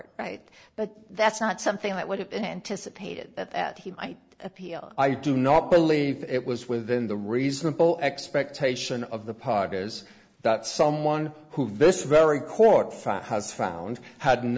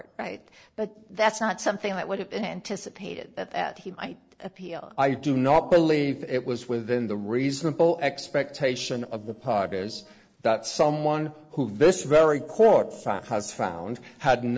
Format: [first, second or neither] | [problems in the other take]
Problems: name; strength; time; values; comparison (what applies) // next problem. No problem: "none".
first | noise reduction (neural separator model SepFormer DNS4)